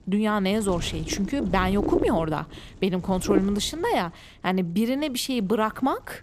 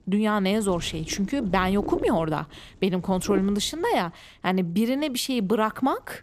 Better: second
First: wind noise on the microphone; heavy; 7 dB below the speech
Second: wind noise on the microphone; occasional gusts; 15 dB below the speech

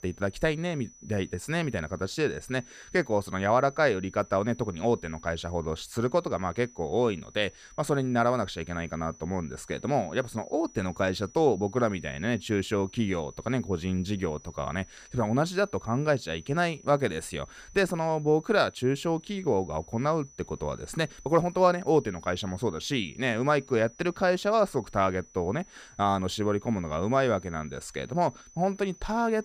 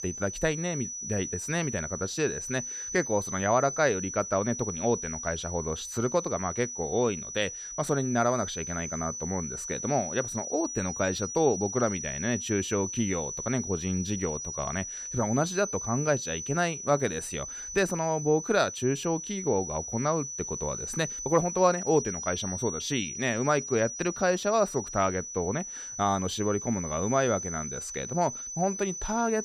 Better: first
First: high-pitched whine; faint; throughout; 6 kHz, 25 dB below the speech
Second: high-pitched whine; loud; throughout; 6 kHz, 6 dB below the speech

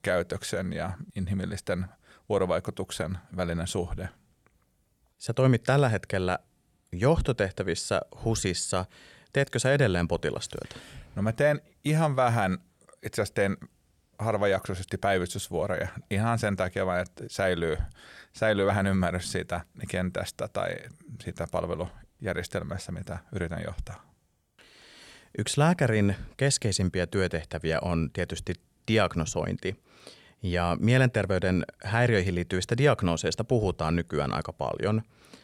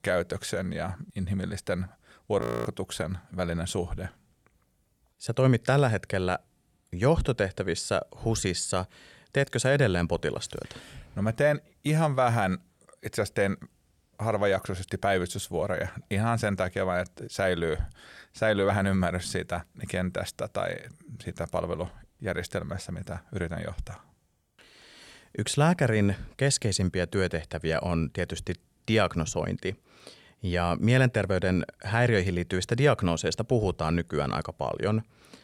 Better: first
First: none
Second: audio freezing; at 2.5 s

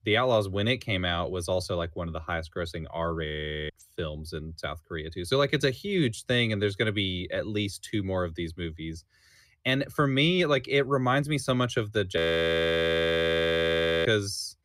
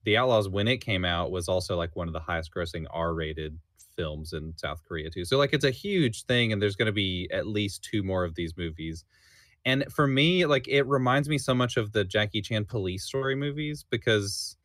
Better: second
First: audio freezing; at 3.5 s and at 12 s for 2 s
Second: none

